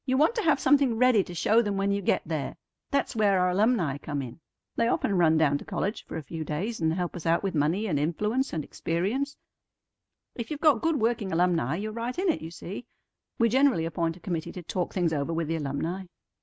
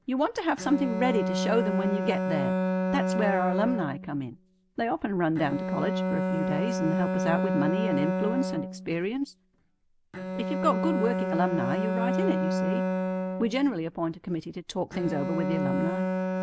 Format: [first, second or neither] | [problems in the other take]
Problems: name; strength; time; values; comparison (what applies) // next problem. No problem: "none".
first | background sound (Bowed string instrument); as loud as the speech